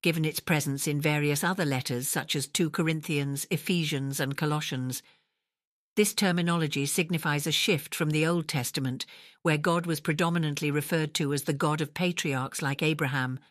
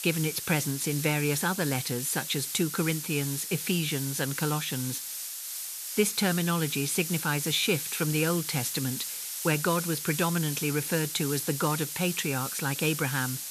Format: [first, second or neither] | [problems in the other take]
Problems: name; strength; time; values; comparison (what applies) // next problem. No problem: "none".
first | hiss; loud; throughout; 5 dB below the speech